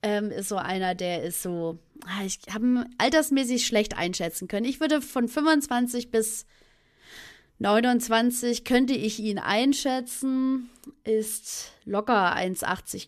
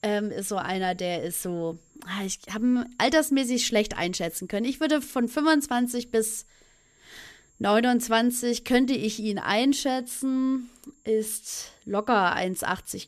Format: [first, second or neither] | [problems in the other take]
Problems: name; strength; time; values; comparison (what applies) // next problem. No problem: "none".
first | high-pitched whine; faint; throughout; 7.5 kHz, 35 dB below the speech